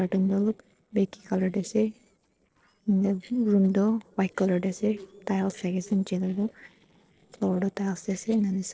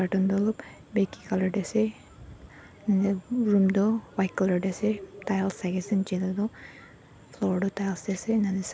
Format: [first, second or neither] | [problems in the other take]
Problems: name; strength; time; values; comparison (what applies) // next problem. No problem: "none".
second | noise reduction (neural separator model SepFormer DNS4)